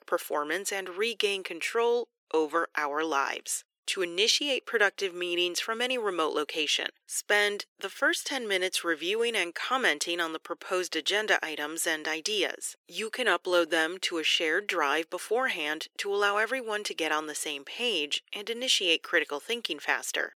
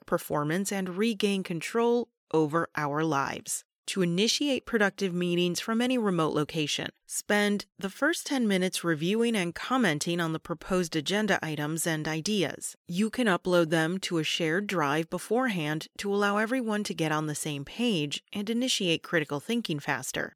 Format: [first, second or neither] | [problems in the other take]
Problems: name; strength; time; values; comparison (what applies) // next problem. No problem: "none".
second | thin; very; fading below 350 Hz